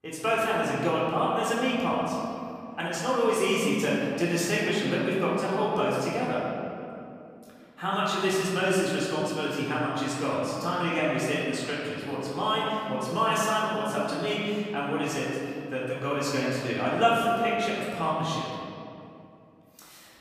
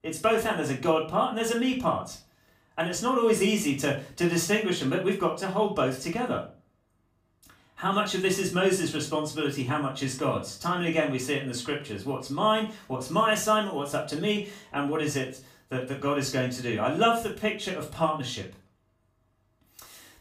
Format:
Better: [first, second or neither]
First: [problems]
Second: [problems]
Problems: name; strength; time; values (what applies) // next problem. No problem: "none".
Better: second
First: room echo; strong; dies away in 2.3 s // off-mic speech; far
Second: room echo; slight; dies away in 0.3 s // off-mic speech; far